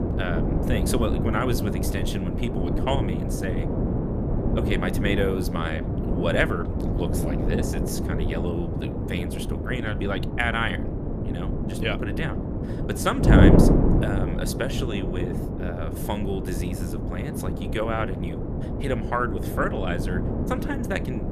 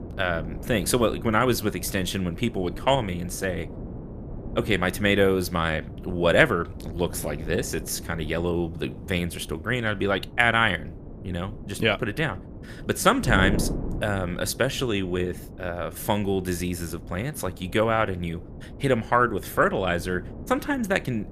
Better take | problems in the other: second | wind noise on the microphone; heavy; 2 dB below the speech; occasional gusts in the second

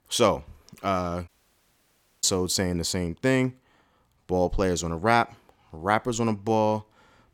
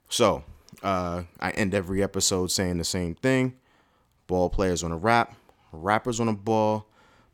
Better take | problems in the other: second | audio cutting out; at 1.5 s for 1 s

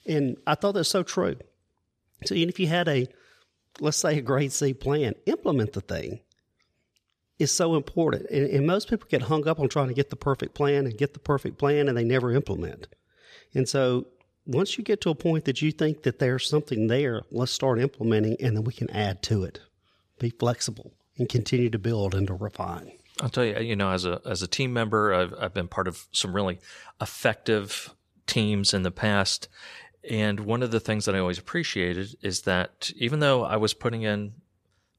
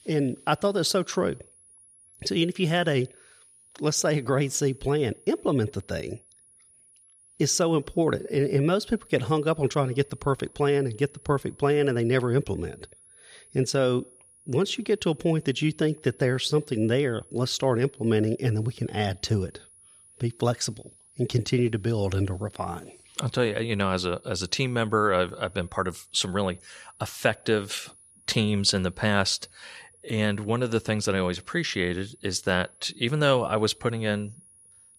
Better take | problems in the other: first | high-pitched whine; faint; throughout; 10.5 kHz, 25 dB below the speech

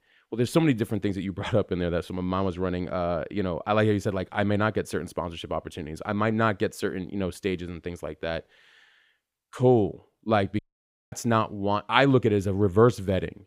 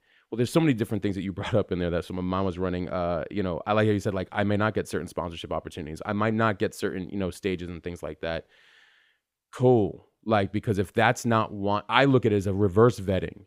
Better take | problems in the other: second | audio cutting out; at 11 s for 0.5 s

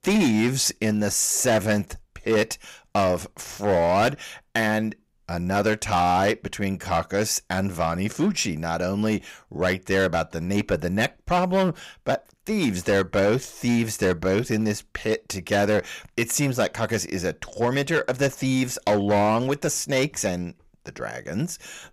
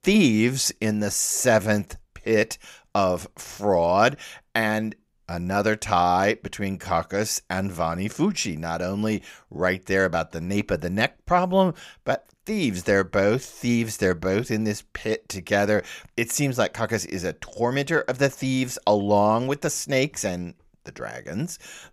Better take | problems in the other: second | distortion; slight; 7% of the sound clipped

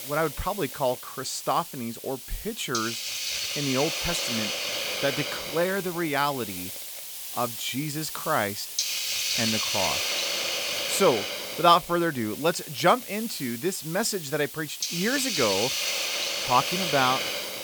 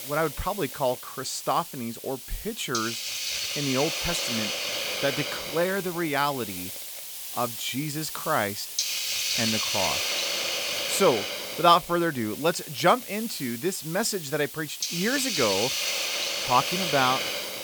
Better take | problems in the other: neither | hiss; loud; throughout; 2 dB below the speech; the same in both

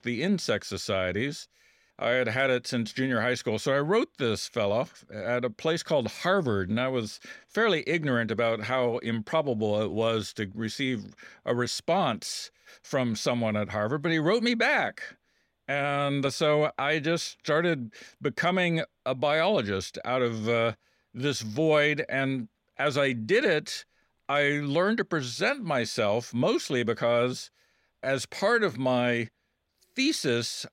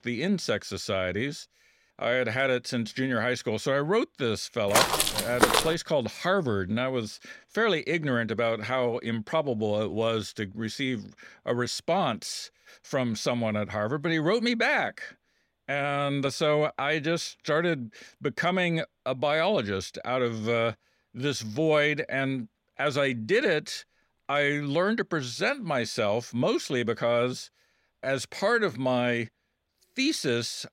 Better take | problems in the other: first | footsteps; loud; at 4.5 s; peak 6 dB above the speech

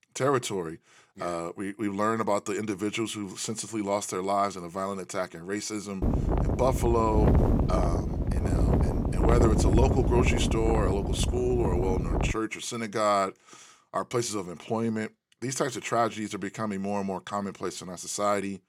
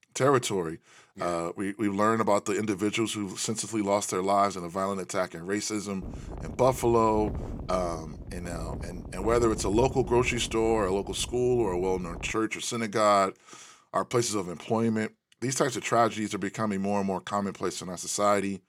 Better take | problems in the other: second | wind noise on the microphone; heavy; from 6 to 12 s; 4 dB below the speech; occasional gusts in the second

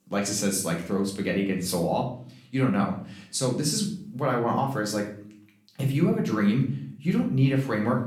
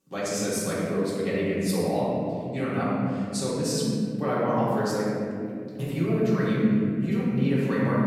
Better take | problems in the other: first | room echo; strong; dies away in 3 s; slight in the first // off-mic speech; far; far in the first

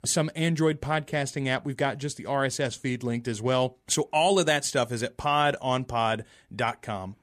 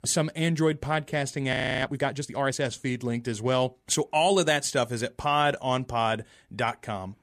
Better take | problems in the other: first | audio freezing; at 1.5 s

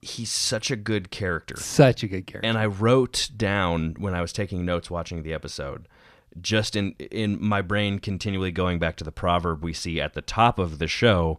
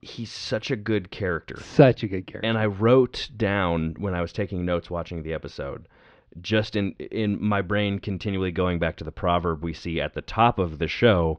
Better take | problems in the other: first | muffled; slightly; fading above 3.5 kHz

